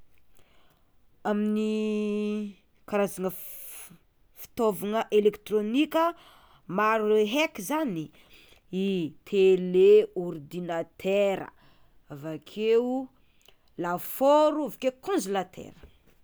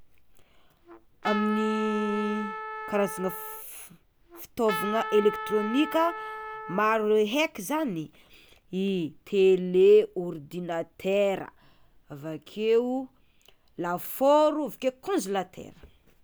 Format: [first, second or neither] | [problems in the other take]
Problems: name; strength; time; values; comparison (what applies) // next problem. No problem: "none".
first | background sound (Trumpet); 9 dB below the speech